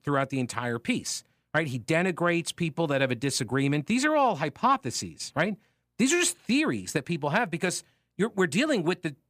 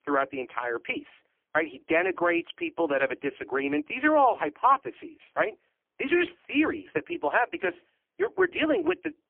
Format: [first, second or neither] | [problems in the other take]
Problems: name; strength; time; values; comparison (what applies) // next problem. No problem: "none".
first | phone-call audio; poor line